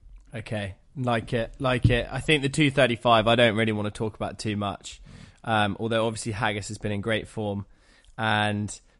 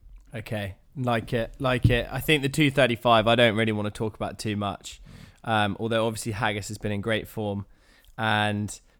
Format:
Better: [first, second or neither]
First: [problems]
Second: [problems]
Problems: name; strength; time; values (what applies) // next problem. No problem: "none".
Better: second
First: garbled, watery; slightly; nothing above 10.5 kHz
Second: none